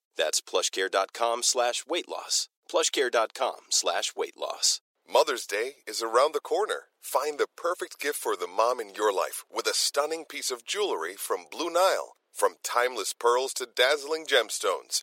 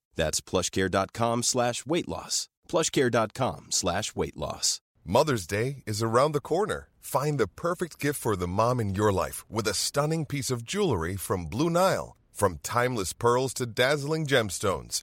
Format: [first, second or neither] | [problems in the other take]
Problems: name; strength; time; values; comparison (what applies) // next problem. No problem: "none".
second | thin; very; fading below 400 Hz